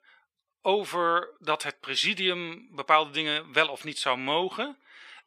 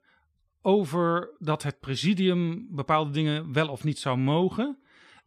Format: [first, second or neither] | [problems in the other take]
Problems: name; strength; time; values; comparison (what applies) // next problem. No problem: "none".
second | thin; very; fading below 500 Hz